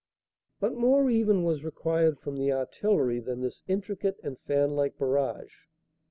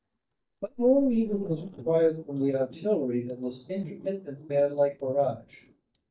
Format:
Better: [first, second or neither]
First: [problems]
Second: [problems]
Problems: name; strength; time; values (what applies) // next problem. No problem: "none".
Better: first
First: none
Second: noise reduction (neural mask model DeepFilterNet 3)